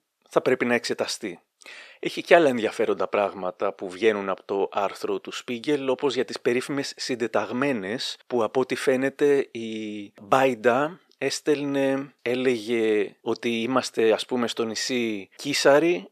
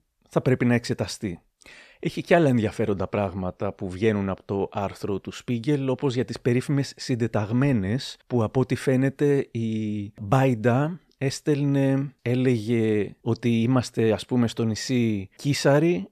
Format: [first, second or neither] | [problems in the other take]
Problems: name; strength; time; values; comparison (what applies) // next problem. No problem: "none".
second | thin; somewhat; fading below 400 Hz